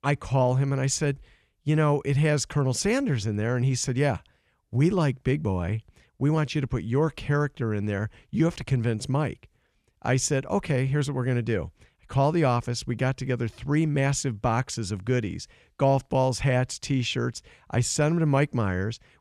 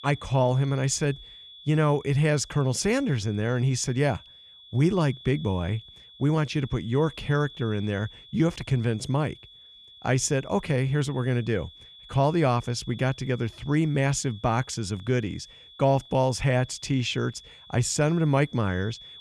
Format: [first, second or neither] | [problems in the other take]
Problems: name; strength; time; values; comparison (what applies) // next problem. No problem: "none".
first | high-pitched whine; faint; throughout; 3.5 kHz, 20 dB below the speech